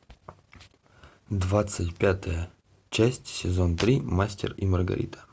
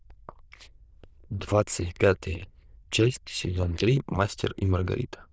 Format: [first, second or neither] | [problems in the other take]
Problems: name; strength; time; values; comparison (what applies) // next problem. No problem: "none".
first | noise reduction (neural diffusion model UNIVERSE++)